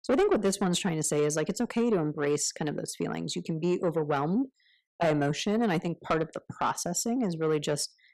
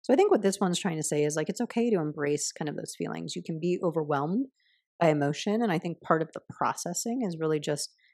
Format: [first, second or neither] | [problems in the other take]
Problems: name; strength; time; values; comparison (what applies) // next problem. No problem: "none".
second | distortion; slight; 10 dB below the speech